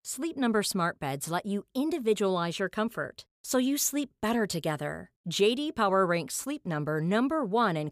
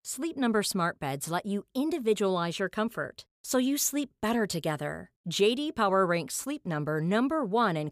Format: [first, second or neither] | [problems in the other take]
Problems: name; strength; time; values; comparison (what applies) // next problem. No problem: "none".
neither | none